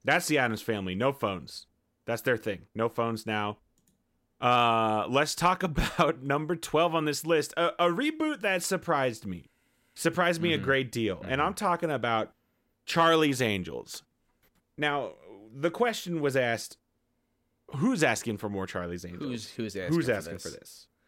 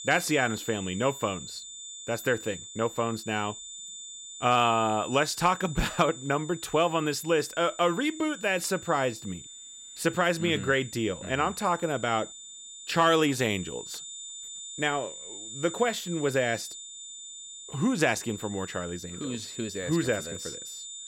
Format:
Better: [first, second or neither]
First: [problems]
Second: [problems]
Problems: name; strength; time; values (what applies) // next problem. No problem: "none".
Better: first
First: none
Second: high-pitched whine; noticeable; throughout; 7 kHz, 10 dB below the speech